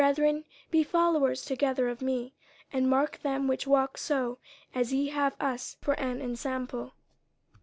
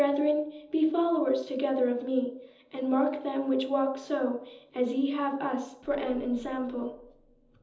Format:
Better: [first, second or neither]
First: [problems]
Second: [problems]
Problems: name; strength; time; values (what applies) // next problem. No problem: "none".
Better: first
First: none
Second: room echo; dies away in 1.2 s